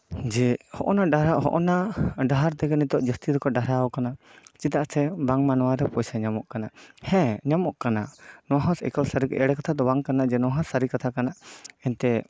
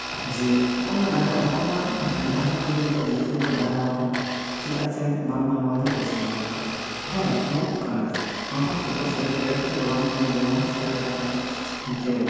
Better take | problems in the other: first | background sound (Domestic sounds, home sounds); 7 dB below the speech // room echo; dies away in 2.1 s

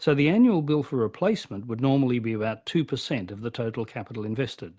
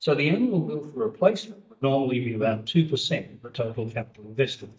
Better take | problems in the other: first | noise reduction (neural mask model DeepFilterNet 3)

